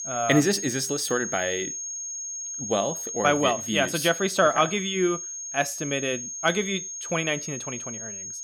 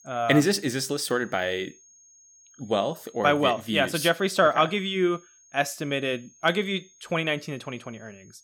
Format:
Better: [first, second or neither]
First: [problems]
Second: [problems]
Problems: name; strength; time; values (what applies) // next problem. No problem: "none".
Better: second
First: high-pitched whine; loud; throughout; 6.5 kHz, 6 dB below the speech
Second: high-pitched whine; faint; throughout; 6.5 kHz, 30 dB below the speech